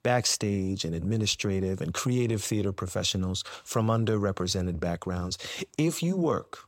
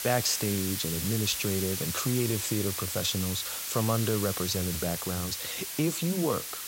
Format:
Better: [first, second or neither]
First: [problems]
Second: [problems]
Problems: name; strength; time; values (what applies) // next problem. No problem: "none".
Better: first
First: none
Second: hiss; loud; throughout; 2 dB below the speech